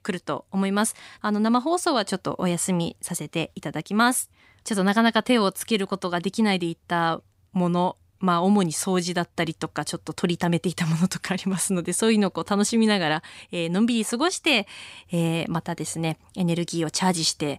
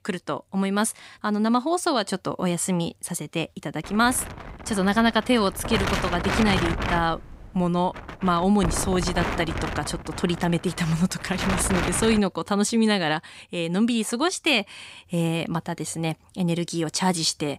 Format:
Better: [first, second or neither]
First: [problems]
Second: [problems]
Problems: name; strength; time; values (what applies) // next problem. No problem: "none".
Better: first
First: none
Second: wind noise on the microphone; heavy; from 4 to 12 s; 5 dB below the speech